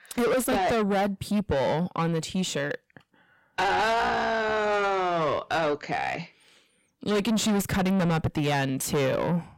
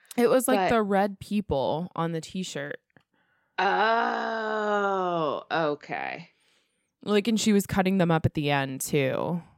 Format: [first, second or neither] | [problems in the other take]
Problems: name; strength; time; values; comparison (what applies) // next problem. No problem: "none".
second | distortion; heavy; 6 dB below the speech